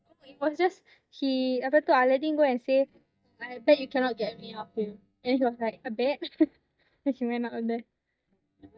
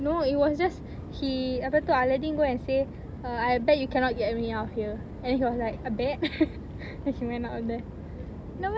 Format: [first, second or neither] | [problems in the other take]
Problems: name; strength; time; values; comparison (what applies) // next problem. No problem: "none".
second | noise reduction (neural mask model DeepFilterNet 3)